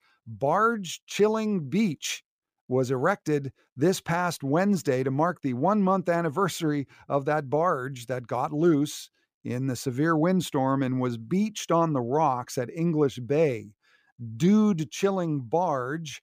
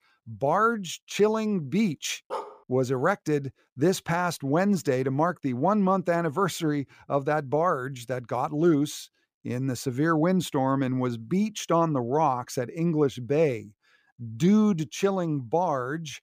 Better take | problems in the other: first | dog barking; faint; at 2.5 s; peak 10 dB below the speech

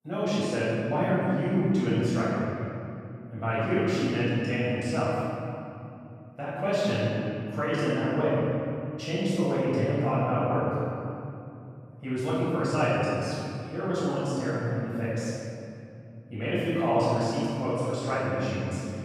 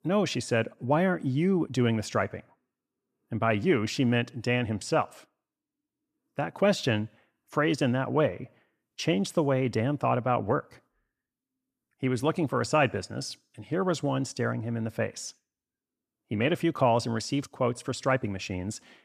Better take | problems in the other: second | off-mic speech; far // room echo; strong; dies away in 2.7 s

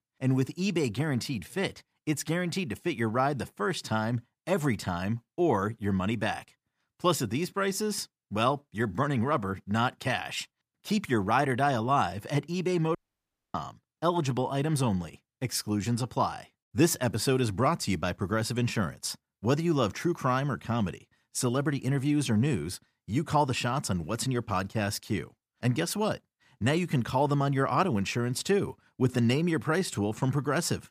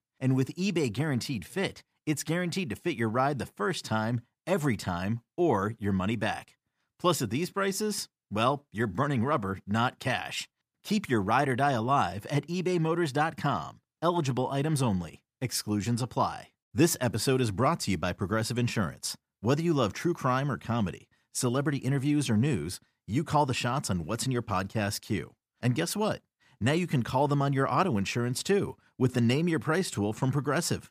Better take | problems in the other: second | audio cutting out; at 13 s for 0.5 s

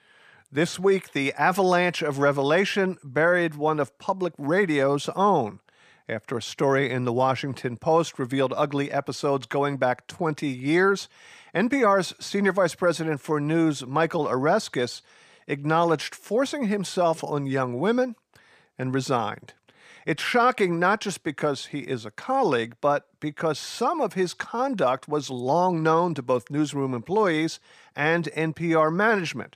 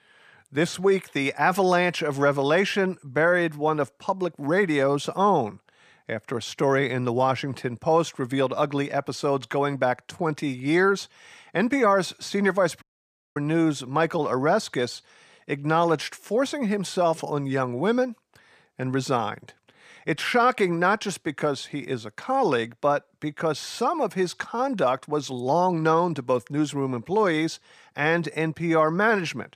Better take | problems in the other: first | audio cutting out; at 13 s for 0.5 s

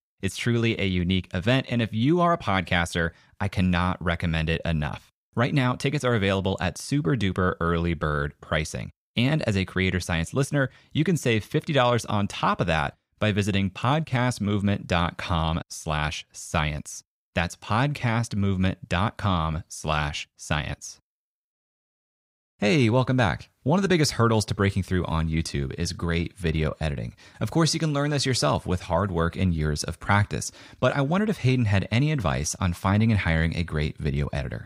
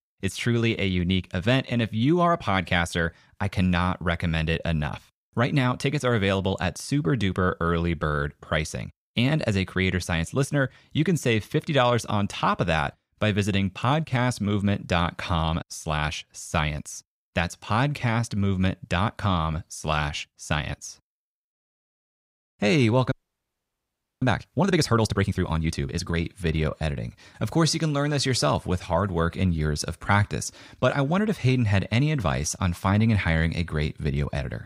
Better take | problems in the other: first | audio freezing; at 23 s for 1 s

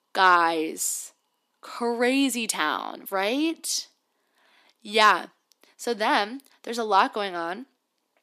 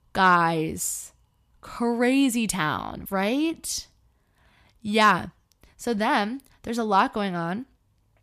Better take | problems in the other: second | thin; very slightly; fading below 250 Hz

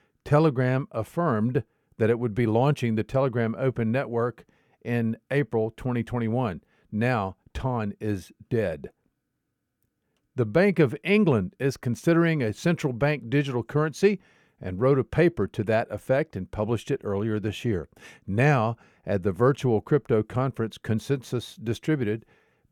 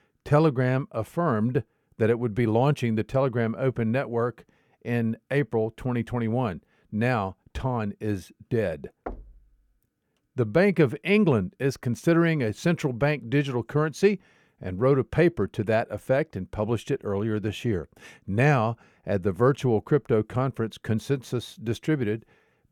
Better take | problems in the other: first | door banging; faint; at 9 s; peak 15 dB below the speech

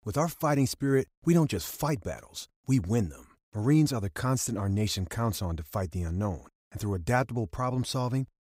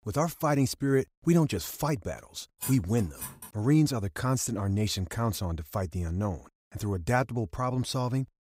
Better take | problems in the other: first | clattering dishes; noticeable; at 2.5 s; peak 8 dB below the speech

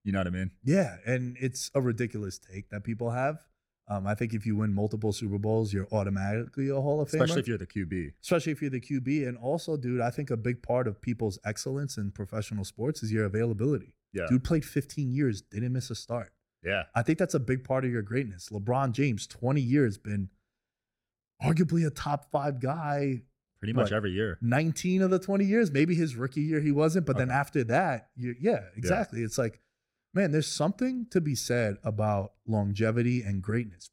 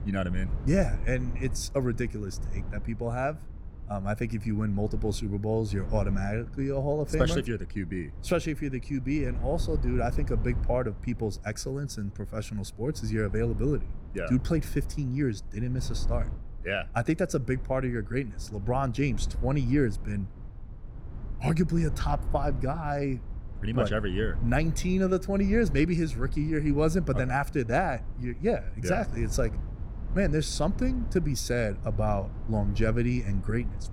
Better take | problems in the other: first | low rumble; noticeable; throughout; 20 dB below the speech

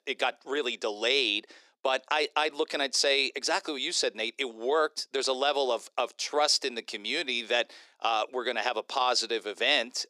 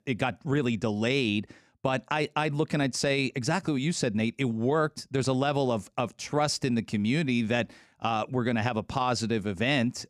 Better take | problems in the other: second | thin; very; fading below 350 Hz

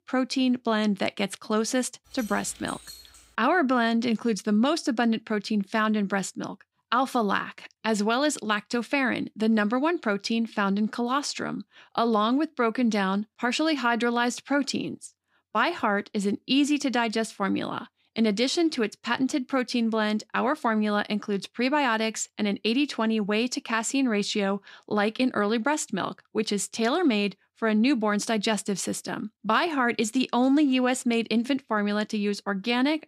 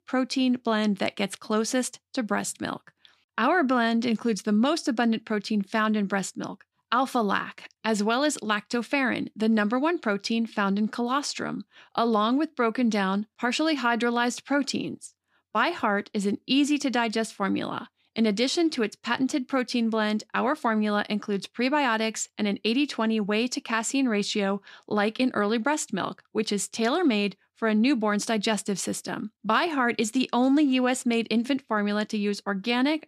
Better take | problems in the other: second | jangling keys; faint; from 2 to 3.5 s; peak 15 dB below the speech

